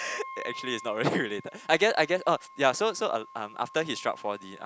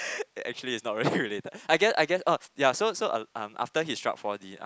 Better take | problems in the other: second | background sound (Wind instrument, woodwind instrument); 17 dB below the speech

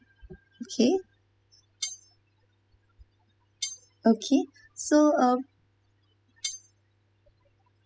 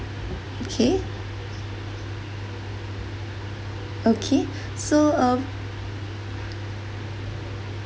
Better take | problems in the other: second | noise reduction (classical method spectral subtraction)

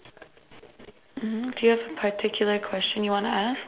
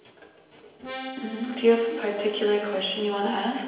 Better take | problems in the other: first | background sound (Accordion); 13 dB below the speech // room echo; dies away in 1 s

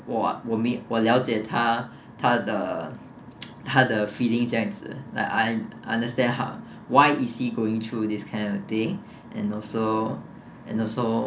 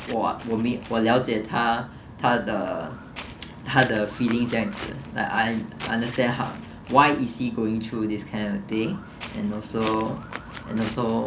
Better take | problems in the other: first | background sound (Walk, footsteps); 16 dB below the speech

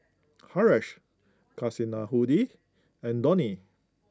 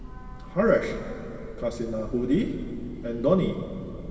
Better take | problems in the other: first | background sound (Train / Breathing); 12 dB below the speech // room echo; dies away in 2.6 s

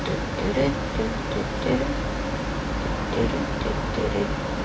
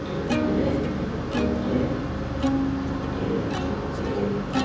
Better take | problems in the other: first | background sound (Plucked string instrument); 3 dB below the speech // room echo; dies away in 1.3 s

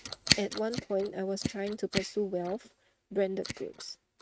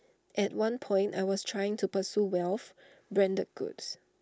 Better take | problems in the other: second | noise reduction (neural mask model RNNoise)

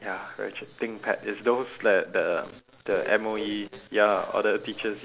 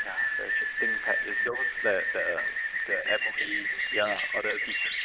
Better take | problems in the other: first | noise reduction (neural diffusion model UNIVERSE++)

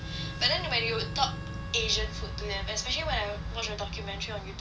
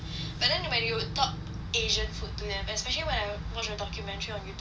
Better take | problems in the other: second | background sound (Harmonica); 18 dB below the speech

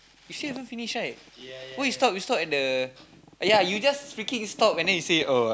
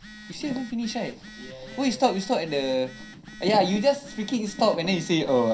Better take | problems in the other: first | background sound (Telephone); 19 dB below the speech // room echo; dies away in 0.3 s

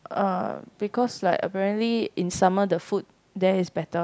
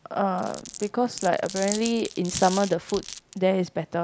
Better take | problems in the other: first | background sound (Glass); 12 dB below the speech

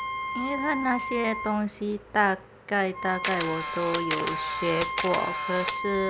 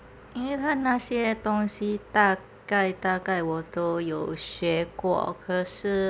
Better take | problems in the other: second | background sound (Camera + Wind instrument, woodwind instrument); 4 dB below the speech

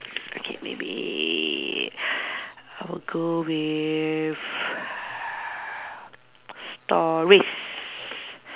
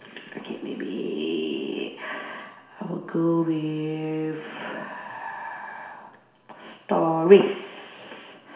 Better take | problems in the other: first | room echo; dies away in 0.7 s

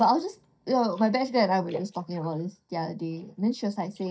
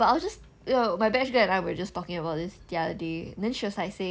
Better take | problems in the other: second | noise reduction (neural mask model DeepFilterNet 3)

